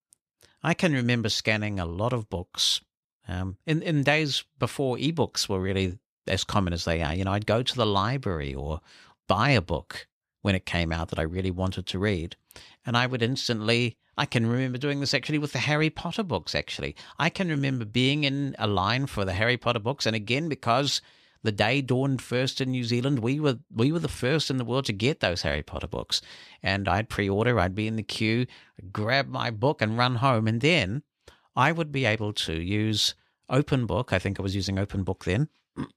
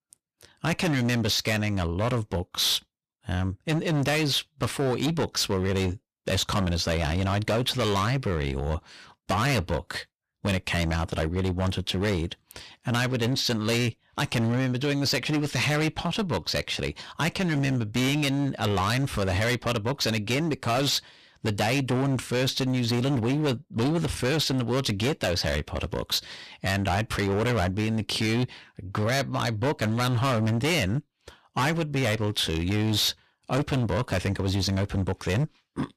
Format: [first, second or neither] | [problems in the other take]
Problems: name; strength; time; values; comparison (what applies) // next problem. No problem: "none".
first | distortion; heavy; 19% of the sound clipped